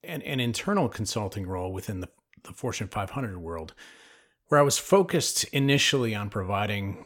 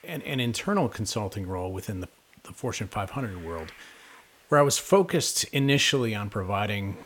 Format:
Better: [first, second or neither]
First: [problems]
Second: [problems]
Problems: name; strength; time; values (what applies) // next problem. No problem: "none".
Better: first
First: none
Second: hiss; faint; throughout; 30 dB below the speech